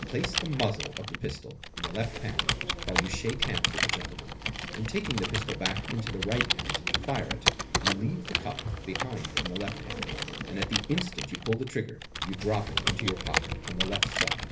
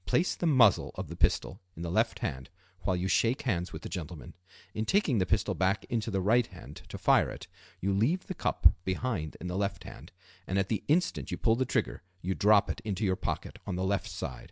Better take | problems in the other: second | background sound (Computer keyboard); 2 dB above the speech // room echo; dies away in 0.3 s

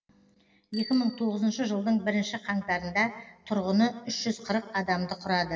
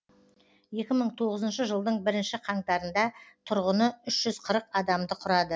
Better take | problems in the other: second | background sound (Bicycle bell); 19 dB below the speech // room echo; dies away in 1.7 s

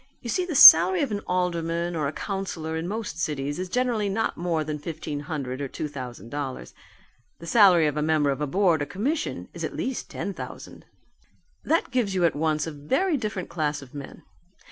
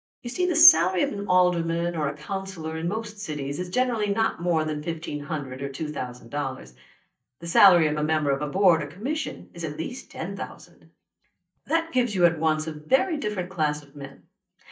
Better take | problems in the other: first | noise reduction (neural mask model DeepFilterNet 3)

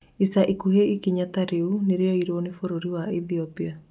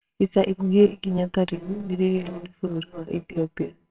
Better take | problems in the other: first | noise reduction (neural separator model SepFormer WHAMR!)

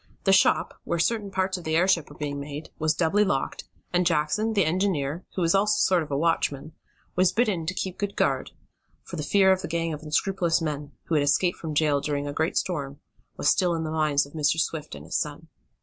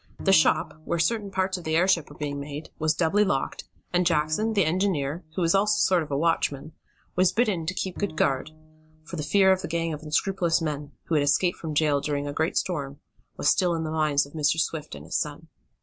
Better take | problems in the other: first | background sound (Bowed string instrument); 19 dB below the speech

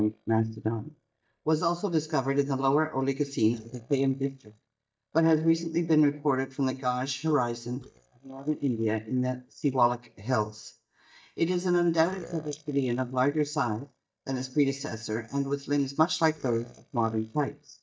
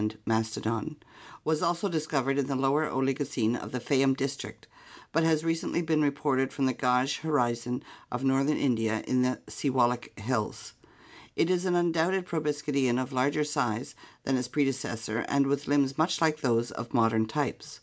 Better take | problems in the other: second | noise reduction (neural mask model DeepFilterNet 3)

